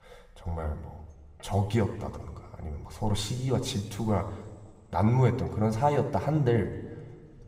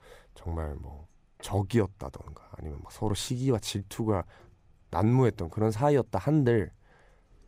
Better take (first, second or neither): second